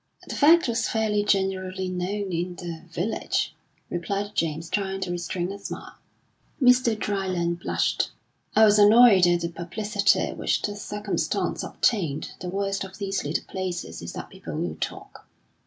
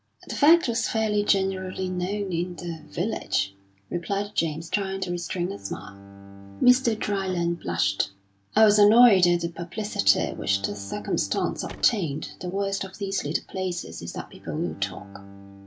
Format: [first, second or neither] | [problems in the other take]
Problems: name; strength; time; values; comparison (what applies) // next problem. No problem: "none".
first | background sound (Bowed string instrument + Car); 20 dB below the speech